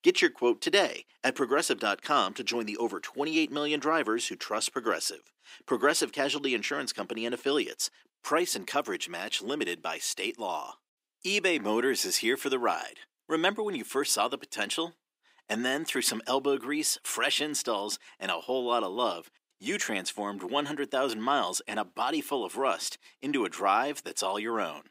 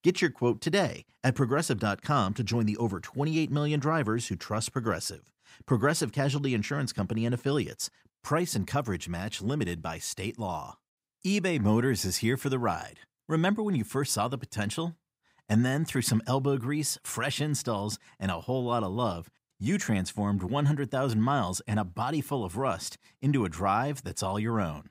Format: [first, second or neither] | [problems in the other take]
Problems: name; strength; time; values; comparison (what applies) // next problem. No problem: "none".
second | thin; somewhat; fading below 300 Hz